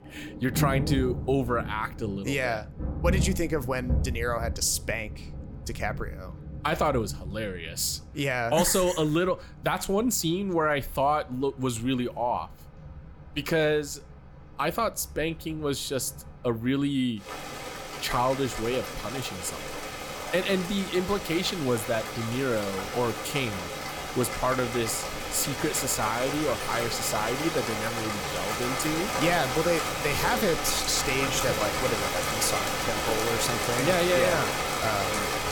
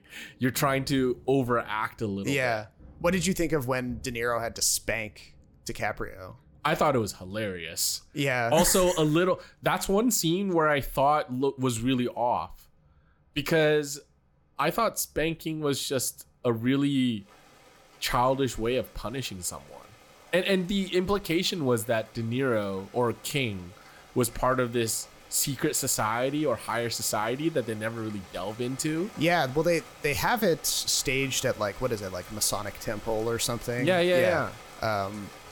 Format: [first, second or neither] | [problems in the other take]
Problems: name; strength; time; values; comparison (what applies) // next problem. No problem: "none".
second | rain or running water; loud; throughout; 3 dB below the speech; faint in the second